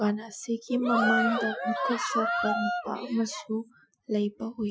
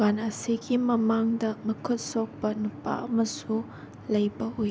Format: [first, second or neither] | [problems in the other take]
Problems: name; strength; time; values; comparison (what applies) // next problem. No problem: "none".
second | noise reduction (classical method Wiener filter)